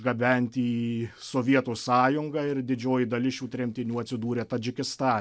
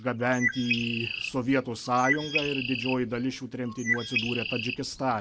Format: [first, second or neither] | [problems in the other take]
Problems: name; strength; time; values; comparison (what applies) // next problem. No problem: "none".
first | background sound (Bird); 4 dB below the speech